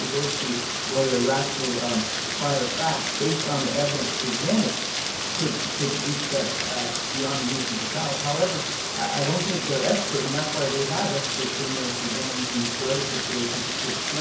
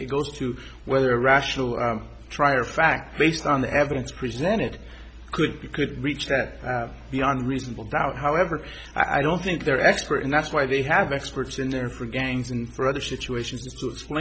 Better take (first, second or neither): second